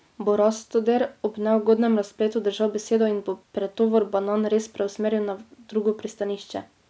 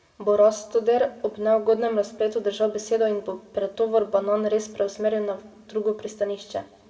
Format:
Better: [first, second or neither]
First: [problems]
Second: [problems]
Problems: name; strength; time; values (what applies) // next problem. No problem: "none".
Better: first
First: none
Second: room echo; dies away in 0.9 s